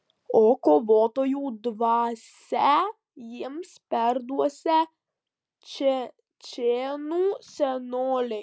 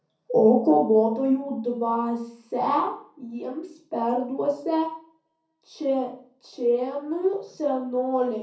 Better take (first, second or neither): first